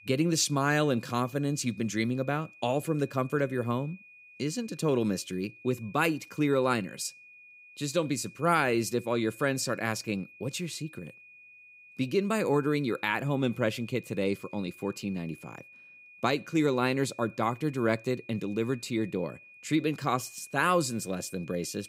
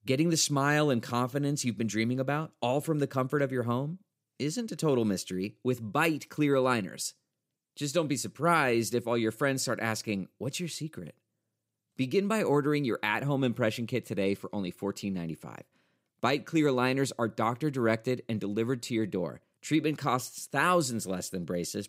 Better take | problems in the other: second | high-pitched whine; faint; throughout; 2.5 kHz, 20 dB below the speech

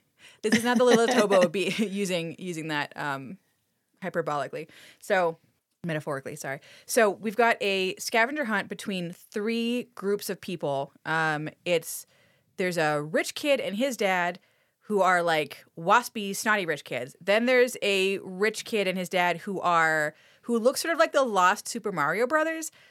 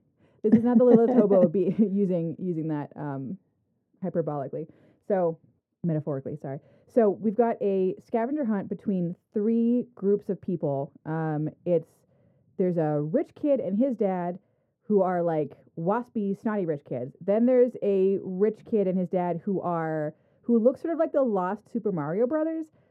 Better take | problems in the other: first | muffled; very; fading above 1.5 kHz

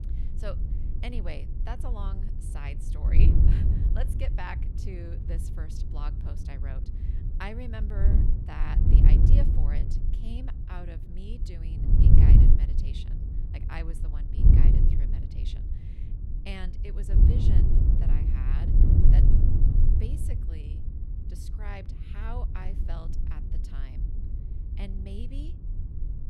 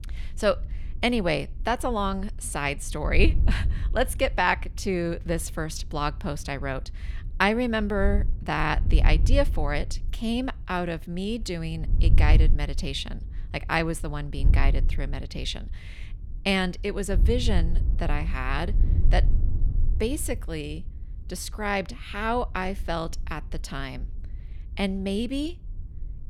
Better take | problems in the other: second | wind noise on the microphone; heavy; 2 dB above the speech; occasional gusts in the second

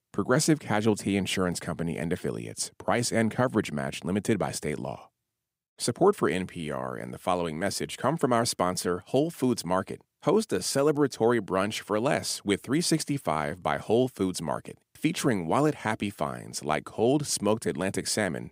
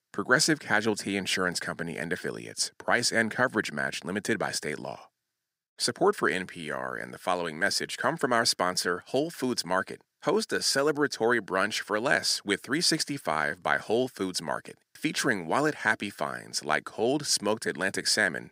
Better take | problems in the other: first | thin; very slightly; fading below 550 Hz

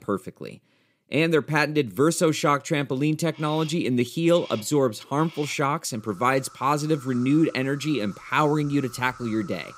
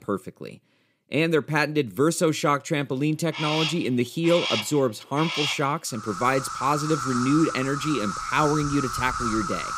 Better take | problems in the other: first | animal sounds; loud; from 3 s on; 5 dB below the speech; faint in the first

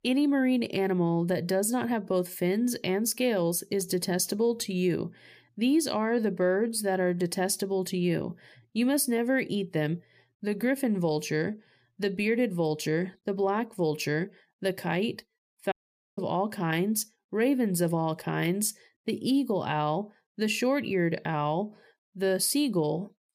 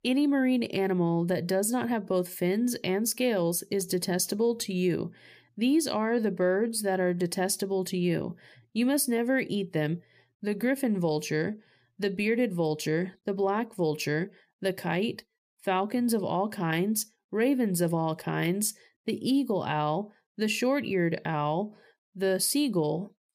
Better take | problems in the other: second | audio cutting out; at 16 s

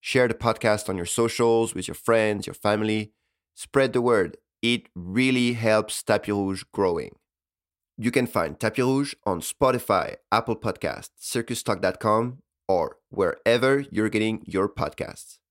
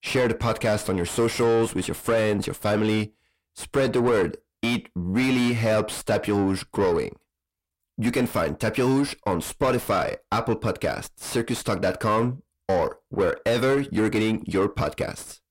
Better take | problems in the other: first | distortion; heavy; 7 dB below the speech

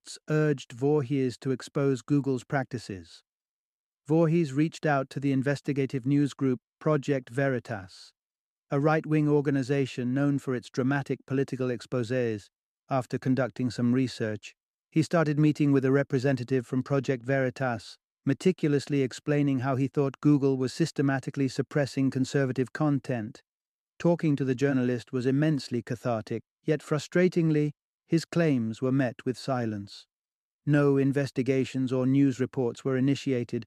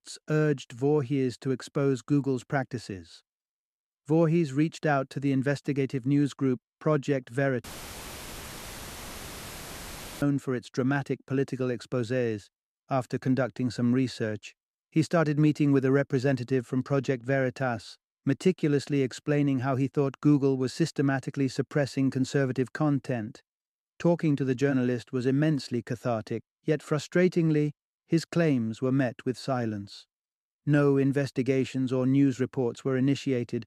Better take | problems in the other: first | audio cutting out; filled with static; at 7.5 s for 2.5 s

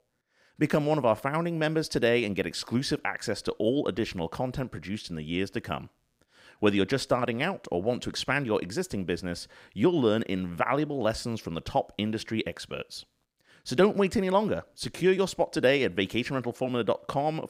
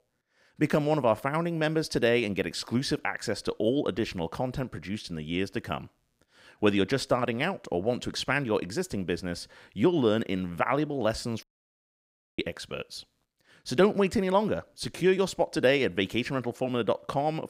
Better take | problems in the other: first | audio cutting out; at 11 s for 1 s

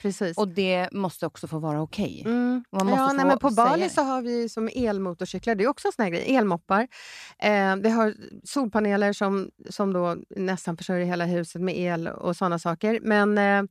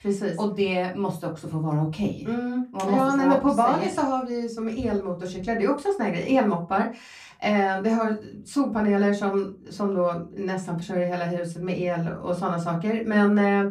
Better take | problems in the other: first | off-mic speech; far // room echo; very slight; dies away in 0.3 s

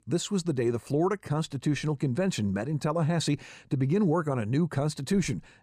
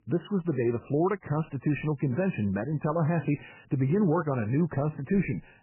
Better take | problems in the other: first | garbled, watery; badly; nothing above 2.5 kHz

